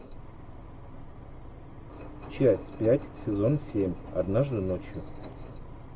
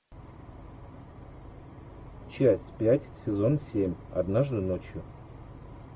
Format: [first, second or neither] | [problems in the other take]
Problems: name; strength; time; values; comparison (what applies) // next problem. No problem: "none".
second | background sound (Engine); 13 dB below the speech